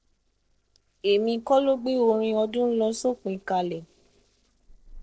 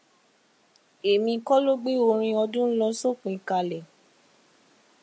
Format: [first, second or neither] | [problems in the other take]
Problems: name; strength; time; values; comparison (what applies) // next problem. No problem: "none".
second | noise reduction (neural separator model SepFormer DNS4)